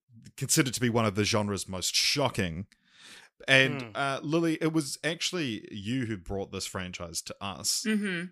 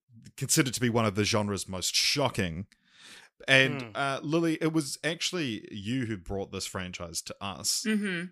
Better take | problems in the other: neither | none

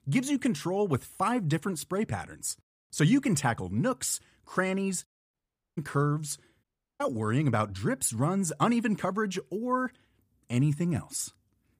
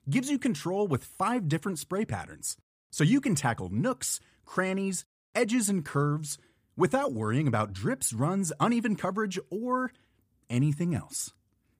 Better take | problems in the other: second | audio cutting out; at 5.5 s and at 6.5 s

